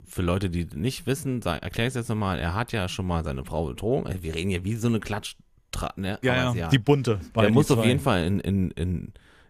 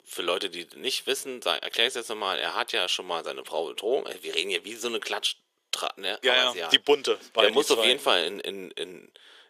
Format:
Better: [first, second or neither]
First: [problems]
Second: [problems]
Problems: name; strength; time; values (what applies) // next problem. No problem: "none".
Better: first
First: none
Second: thin; very; fading below 400 Hz